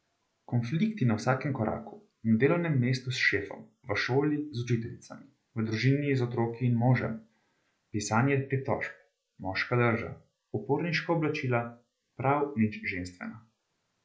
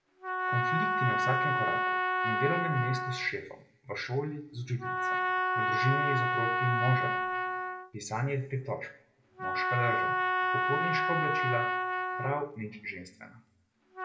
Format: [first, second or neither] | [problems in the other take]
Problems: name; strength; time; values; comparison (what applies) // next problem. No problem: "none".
first | background sound (Trumpet); 3 dB above the speech // room echo; dies away in 0.5 s